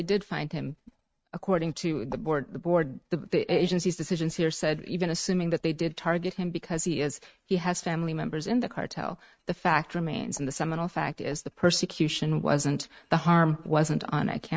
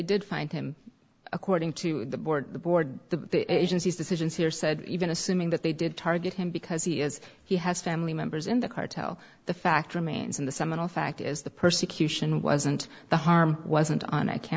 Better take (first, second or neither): second